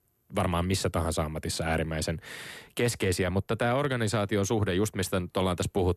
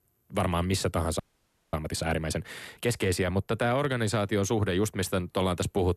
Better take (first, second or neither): first